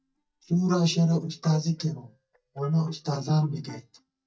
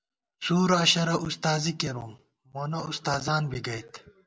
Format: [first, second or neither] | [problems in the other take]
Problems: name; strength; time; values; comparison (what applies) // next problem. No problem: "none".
second | noise reduction (neural mask model DeepFilterNet 3)